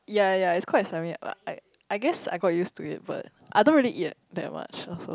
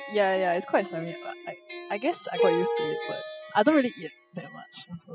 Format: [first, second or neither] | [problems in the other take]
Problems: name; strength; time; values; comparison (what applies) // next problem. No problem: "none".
first | noise reduction (classical method spectral subtraction)